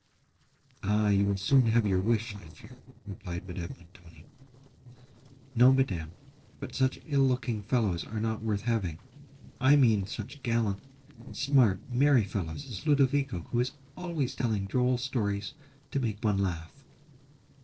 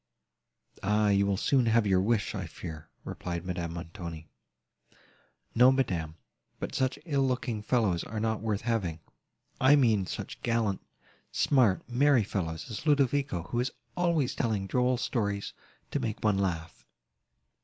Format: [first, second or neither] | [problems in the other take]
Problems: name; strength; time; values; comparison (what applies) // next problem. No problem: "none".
second | noise reduction (neural separator model SepFormer DNS4)